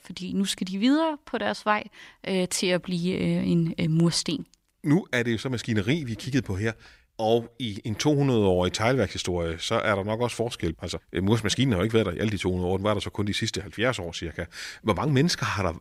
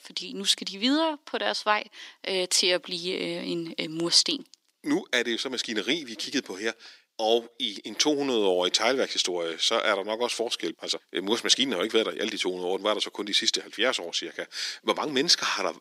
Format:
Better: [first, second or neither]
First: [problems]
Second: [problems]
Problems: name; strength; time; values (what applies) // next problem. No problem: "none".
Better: first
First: none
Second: thin; somewhat; fading below 300 Hz